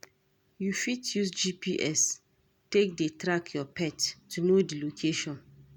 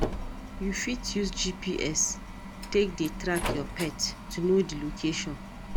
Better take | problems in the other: first | background sound (Slam); 5 dB below the speech

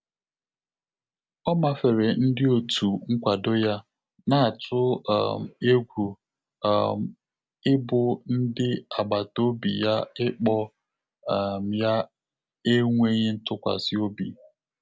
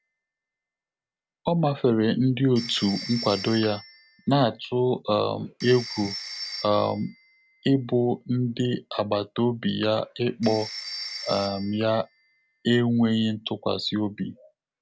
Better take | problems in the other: first | background sound (Telephone); 16 dB below the speech

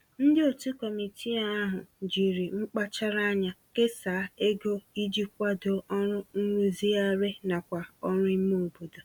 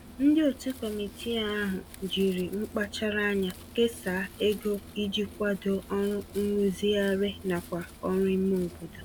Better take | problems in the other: first | background sound (Wind + Musical instrument); 17 dB below the speech

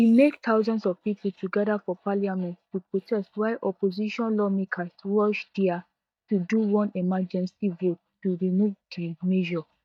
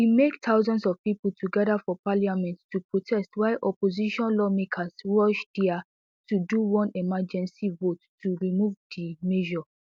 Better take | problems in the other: second | noise reduction (neural mask model DeepFilterNet 3)

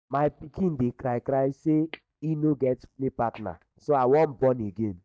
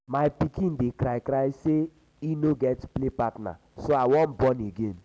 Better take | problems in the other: second | noise reduction (neural mask model DeepFilterNet 3)

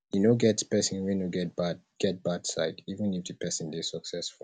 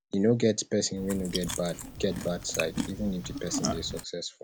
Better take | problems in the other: first | background sound (Chewing, mastication); 6 dB below the speech

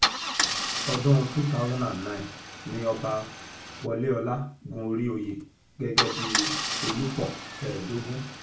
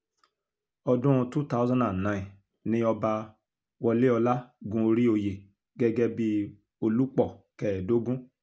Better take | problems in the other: second | background sound (Idling / Engine starting / Car); 3 dB below the speech // room echo; dies away in 0.3 s

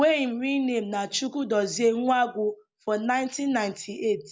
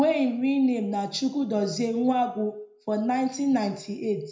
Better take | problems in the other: first | room echo; dies away in 0.5 s

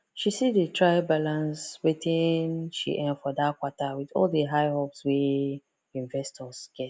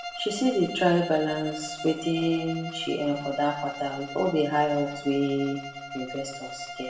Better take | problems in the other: first | background sound (Bowed string instrument); 11 dB below the speech // room echo; dies away in 0.8 s

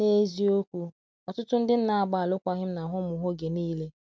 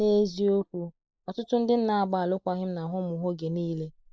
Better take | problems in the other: first | noise reduction (neural mask model Resemble Enhance denoiser)

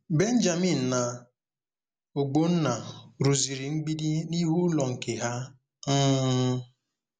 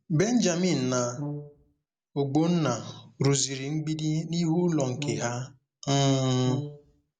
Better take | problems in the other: first | background sound (Brass instrument); 10 dB below the speech

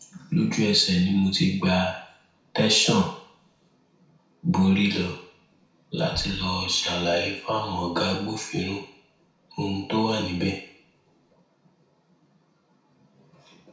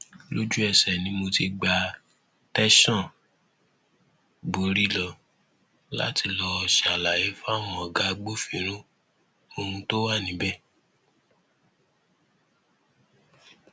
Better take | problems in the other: second | background sound (Bass drum); 19 dB below the speech // room echo; dies away in 0.6 s

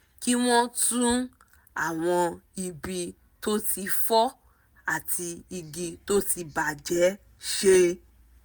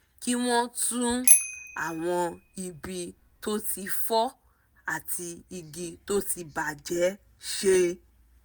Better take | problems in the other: first | background sound (Bicycle bell); 1 dB above the speech

